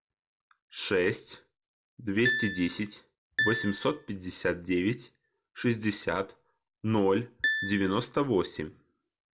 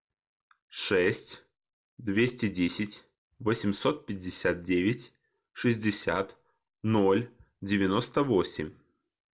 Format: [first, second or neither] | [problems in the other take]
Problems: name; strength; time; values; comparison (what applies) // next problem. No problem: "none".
second | background sound (Piano); 3 dB below the speech